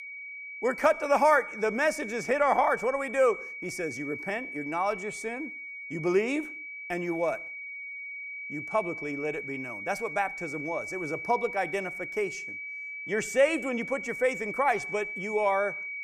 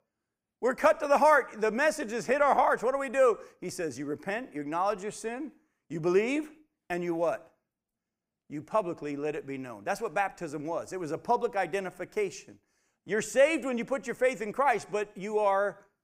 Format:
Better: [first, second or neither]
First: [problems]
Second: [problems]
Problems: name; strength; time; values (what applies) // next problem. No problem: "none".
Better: second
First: high-pitched whine; loud; throughout; 2.5 kHz, 8 dB below the speech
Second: none